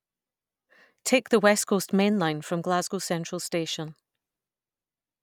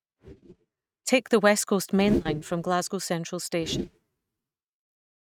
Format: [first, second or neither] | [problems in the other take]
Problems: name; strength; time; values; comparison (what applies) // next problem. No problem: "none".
first | noise reduction (neural mask model RNNoise)